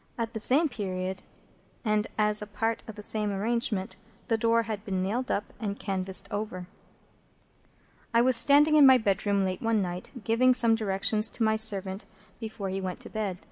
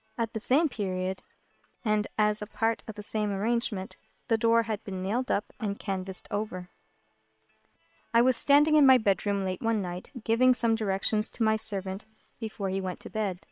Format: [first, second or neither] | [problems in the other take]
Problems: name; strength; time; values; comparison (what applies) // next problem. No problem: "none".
first | noise reduction (neural separator model SepFormer WHAM!)